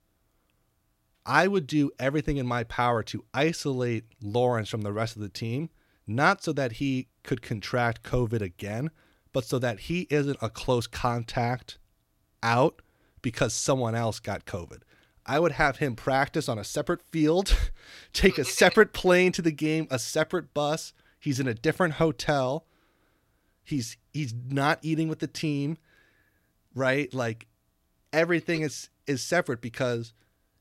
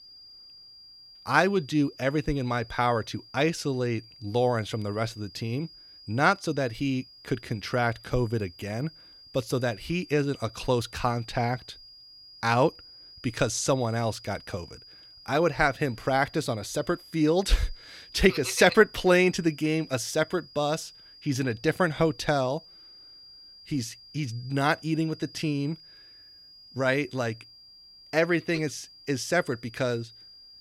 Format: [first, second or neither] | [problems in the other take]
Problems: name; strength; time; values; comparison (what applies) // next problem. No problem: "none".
first | high-pitched whine; faint; throughout; 5 kHz, 20 dB below the speech